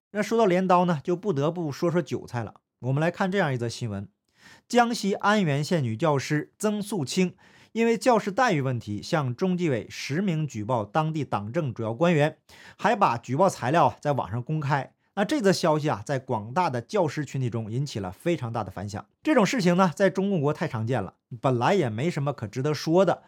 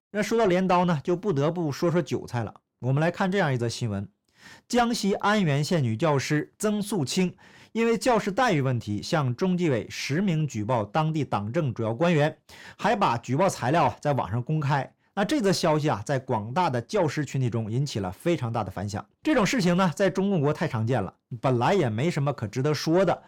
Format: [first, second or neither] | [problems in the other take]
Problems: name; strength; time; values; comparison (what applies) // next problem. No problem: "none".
first | distortion; slight; 10 dB below the speech